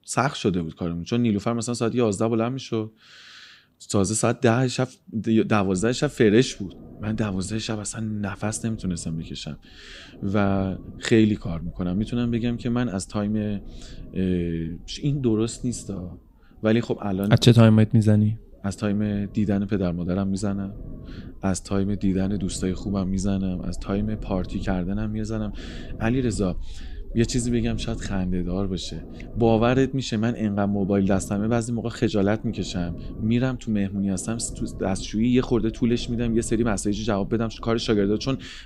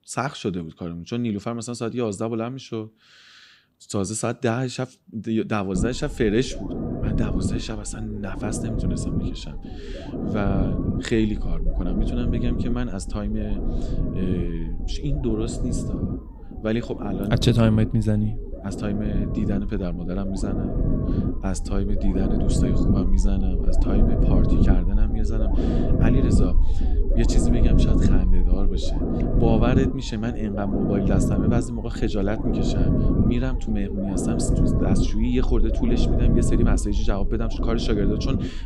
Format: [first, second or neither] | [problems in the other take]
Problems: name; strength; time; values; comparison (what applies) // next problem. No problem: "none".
first | low rumble; loud; from 6 s on; 2 dB below the speech; faint in the first